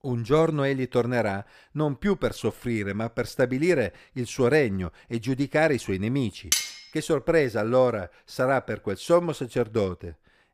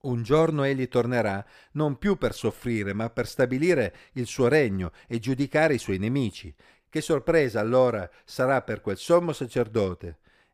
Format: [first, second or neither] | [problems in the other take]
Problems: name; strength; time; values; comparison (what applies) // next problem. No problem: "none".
second | clattering dishes; loud; at 6.5 s; peak 1 dB above the speech